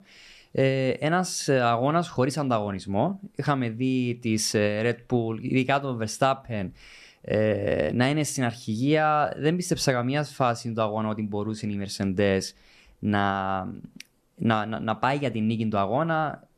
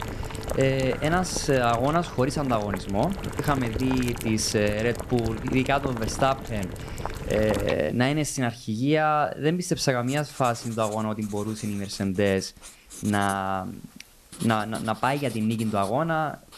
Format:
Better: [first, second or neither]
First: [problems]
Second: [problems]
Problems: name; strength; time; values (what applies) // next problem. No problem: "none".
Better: first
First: none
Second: household noises; noticeable; throughout; 10 dB below the speech